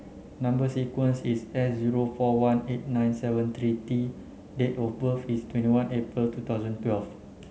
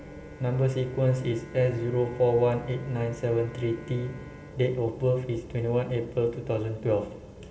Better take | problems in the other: first | background sound (Bowed string instrument); 20 dB below the speech // room echo; dies away in 1.7 s

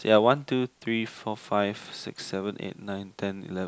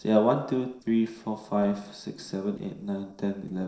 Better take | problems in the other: first | noise reduction (neural separator model SepFormer DNS4)

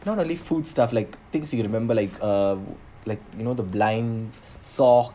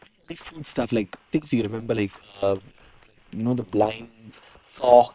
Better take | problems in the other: first | noise reduction (neural separator model SepFormer WHAM!)

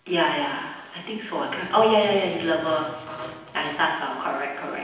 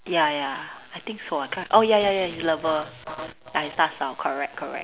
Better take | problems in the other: second | room echo; dies away in 0.9 s

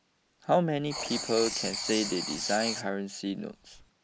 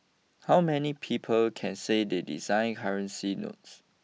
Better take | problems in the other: second | background sound (Writing); 7 dB below the speech

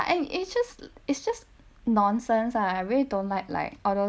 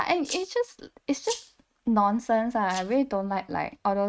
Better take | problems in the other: first | noise reduction (neural mask model RNNoise)

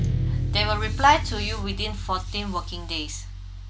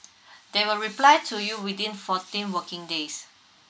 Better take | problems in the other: second | background sound (Bass guitar + Guitar); 1 dB below the speech

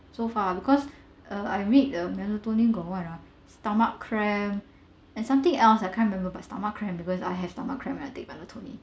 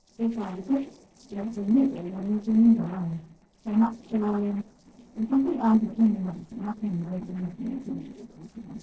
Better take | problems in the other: first | noise reduction (neural separator model SepFormer DNS4)

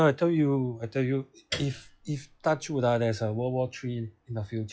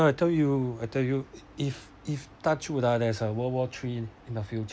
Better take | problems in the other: second | noise reduction (classical method log-MMSE)

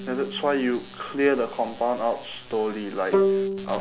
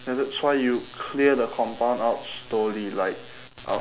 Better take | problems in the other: second | background sound (Bowed string instrument); 3 dB below the speech

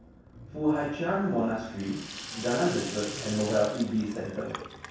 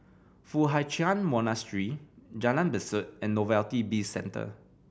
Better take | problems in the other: second | background sound (Sink (filling or washing) / Water tap, faucet); 11 dB below the speech // room echo; dies away in 0.7 s

